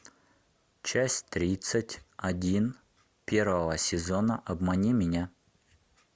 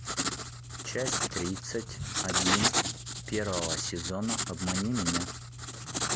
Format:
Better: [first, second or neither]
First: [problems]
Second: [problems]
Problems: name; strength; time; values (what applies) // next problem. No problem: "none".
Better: first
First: none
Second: background sound (Writing); 3 dB above the speech